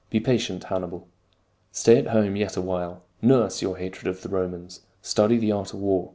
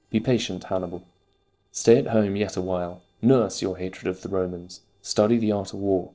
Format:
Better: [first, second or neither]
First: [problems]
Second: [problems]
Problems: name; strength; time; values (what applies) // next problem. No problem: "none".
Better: first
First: none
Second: noise reduction (neural separator model SepFormer DNS4)